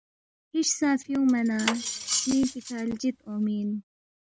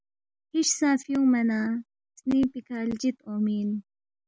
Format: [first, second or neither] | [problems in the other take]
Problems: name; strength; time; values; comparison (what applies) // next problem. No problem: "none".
second | background sound (Cutlery, silverware); 7 dB below the speech